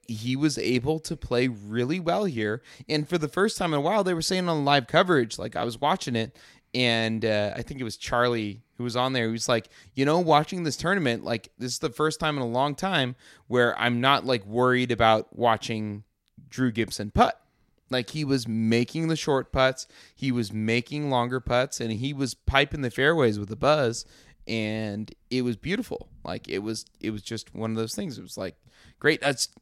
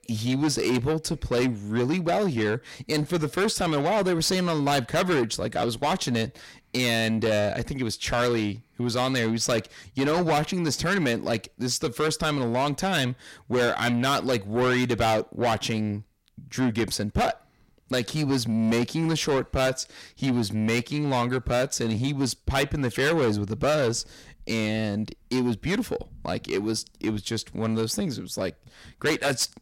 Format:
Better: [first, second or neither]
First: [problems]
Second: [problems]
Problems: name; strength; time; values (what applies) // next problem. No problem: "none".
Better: first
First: none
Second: distortion; heavy; 6 dB below the speech